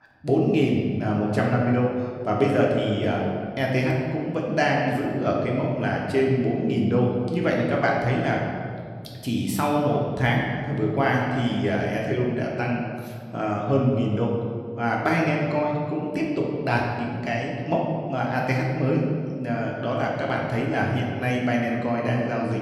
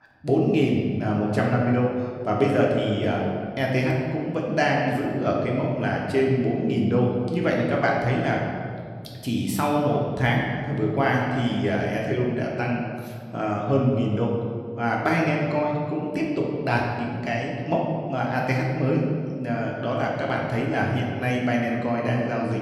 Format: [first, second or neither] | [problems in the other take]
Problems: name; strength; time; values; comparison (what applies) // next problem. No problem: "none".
neither | room echo; noticeable; dies away in 1.9 s; the same in both // off-mic speech; somewhat distant; the same in both